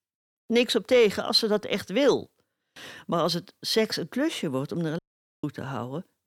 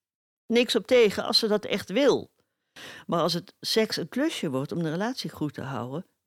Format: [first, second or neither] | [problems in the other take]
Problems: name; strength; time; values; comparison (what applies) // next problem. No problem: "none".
second | audio cutting out; at 5 s